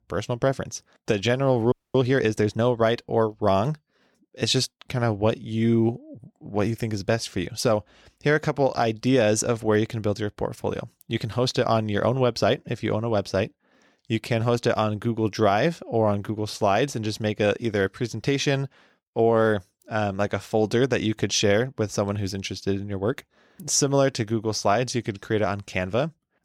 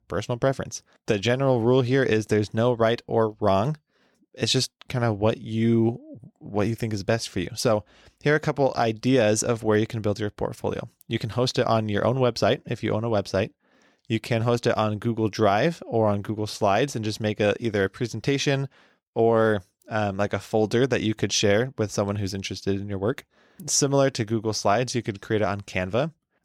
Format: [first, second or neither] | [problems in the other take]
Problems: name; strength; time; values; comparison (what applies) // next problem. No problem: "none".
second | audio freezing; at 1.5 s